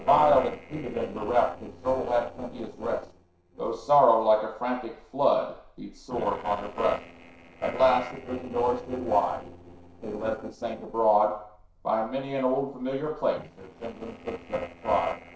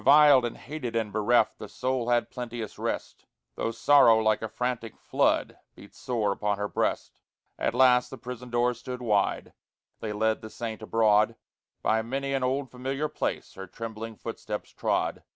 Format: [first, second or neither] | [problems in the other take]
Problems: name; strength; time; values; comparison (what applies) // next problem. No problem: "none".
second | noise reduction (neural separator model SepFormer DNS4)